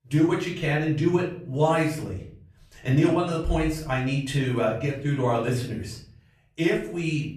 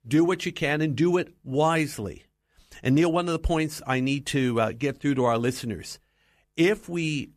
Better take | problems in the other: second | off-mic speech; far // room echo; slight; dies away in 0.6 s

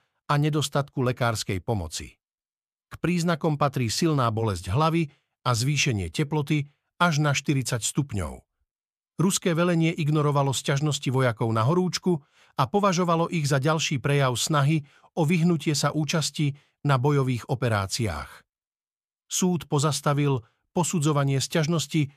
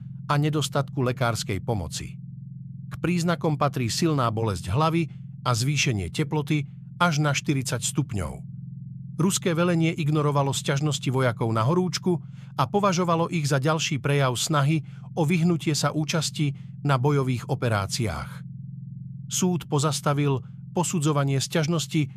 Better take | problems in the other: first | low rumble; faint; throughout; 25 dB below the speech

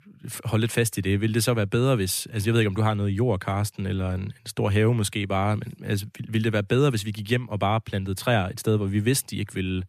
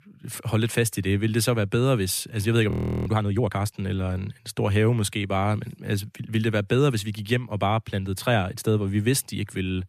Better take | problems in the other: first | audio freezing; at 2.5 s

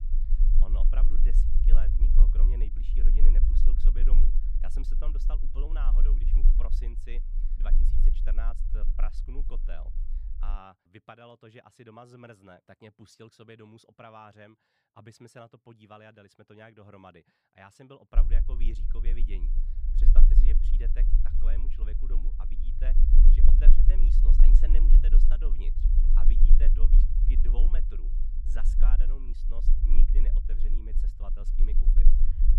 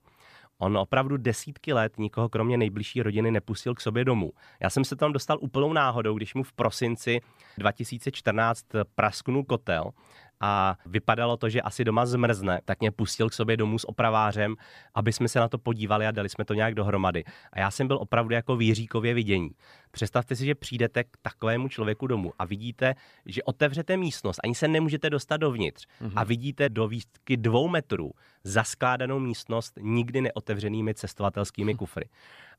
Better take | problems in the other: second | low rumble; loud; until 11 s and from 18 s on; 3 dB below the speech

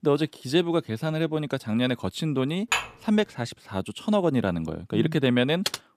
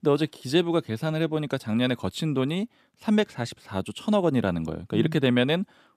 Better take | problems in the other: second | clattering dishes; noticeable; at 2.5 s; peak 1 dB below the speech // keyboard typing; noticeable; at 5.5 s; peak 5 dB below the speech

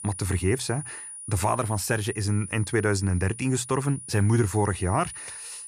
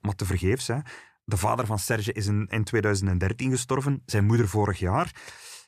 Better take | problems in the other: second | high-pitched whine; noticeable; throughout; 9.5 kHz, 10 dB below the speech

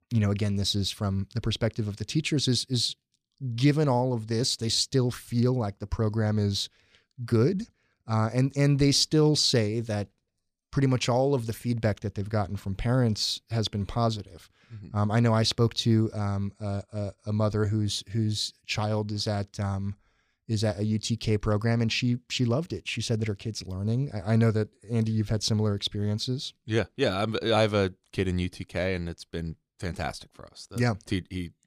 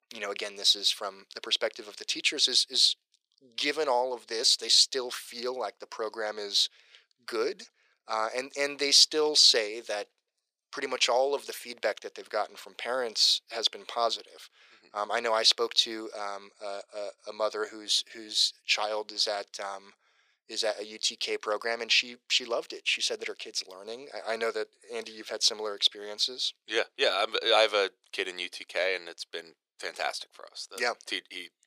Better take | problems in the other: first | thin; very; fading below 450 Hz

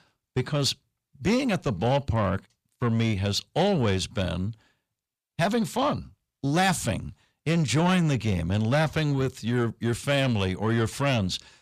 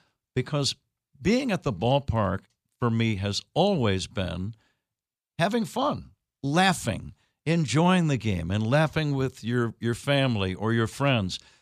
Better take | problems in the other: second | distortion; slight; 10 dB below the speech

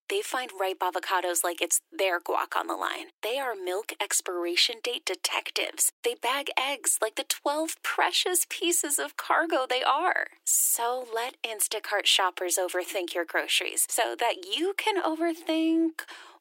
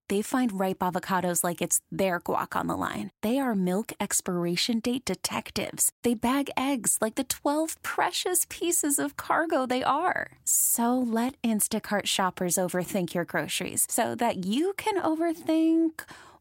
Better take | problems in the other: second | thin; very; fading below 350 Hz

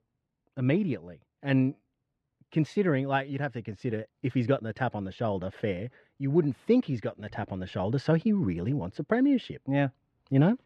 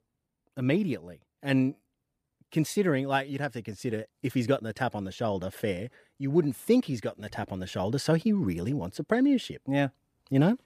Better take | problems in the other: second | muffled; slightly; fading above 3 kHz

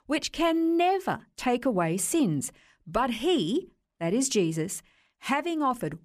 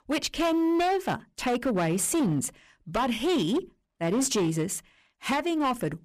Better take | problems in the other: first | distortion; slight; 16% of the sound clipped

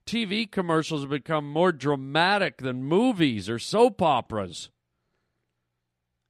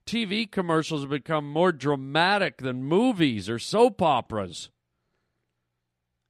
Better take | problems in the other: neither | none

